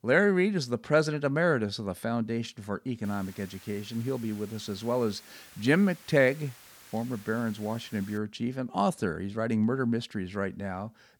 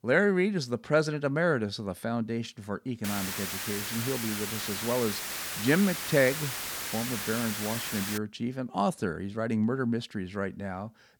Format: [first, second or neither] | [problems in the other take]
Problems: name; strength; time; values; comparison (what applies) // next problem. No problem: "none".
first | hiss; loud; from 3 to 8 s; 3 dB below the speech; faint in the first